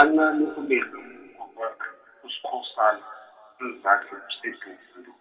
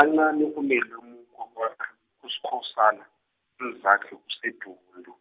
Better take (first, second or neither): second